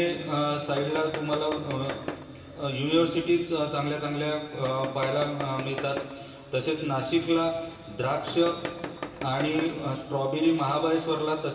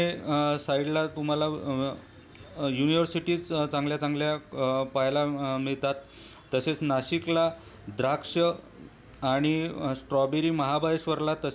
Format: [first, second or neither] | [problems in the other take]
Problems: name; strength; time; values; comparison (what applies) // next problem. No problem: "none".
second | background sound (Tools); 9 dB below the speech // room echo; dies away in 2.7 s